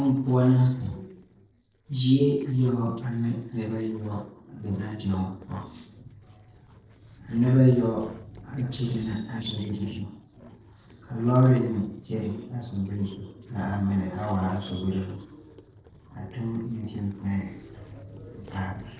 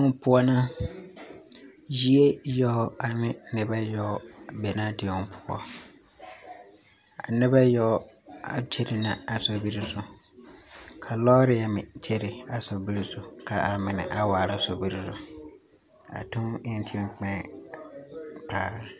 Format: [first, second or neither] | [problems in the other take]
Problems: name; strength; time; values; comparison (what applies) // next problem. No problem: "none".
second | noise reduction (neural separator model SepFormer DNS4)